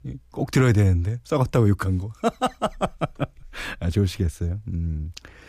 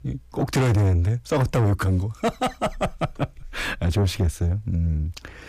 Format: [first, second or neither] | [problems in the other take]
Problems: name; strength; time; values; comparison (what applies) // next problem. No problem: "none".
first | distortion; heavy; 7 dB below the speech